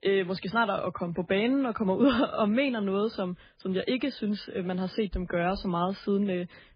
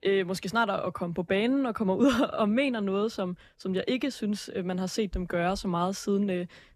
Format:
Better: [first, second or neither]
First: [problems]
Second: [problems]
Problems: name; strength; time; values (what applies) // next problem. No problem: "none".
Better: second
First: garbled, watery; badly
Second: none